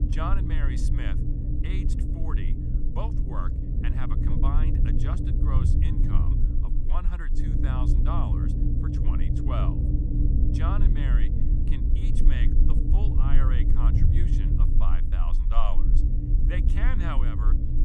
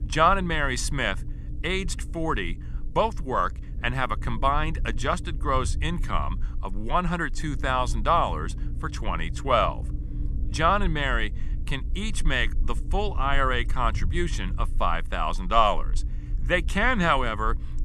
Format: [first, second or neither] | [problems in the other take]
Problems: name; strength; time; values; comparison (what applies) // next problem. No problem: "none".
second | low rumble; loud; throughout; 1 dB below the speech; faint in the second